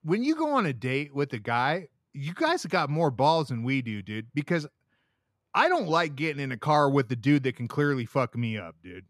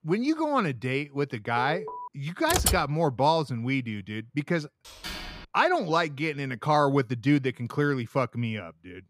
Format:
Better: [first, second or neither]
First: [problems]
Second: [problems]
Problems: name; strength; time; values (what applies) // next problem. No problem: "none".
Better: first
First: none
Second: alarm; faint; at 1.5 s; peak 10 dB below the speech // keyboard typing; loud; at 2.5 s; peak 2 dB above the speech // door banging; noticeable; at 5 s; peak 9 dB below the speech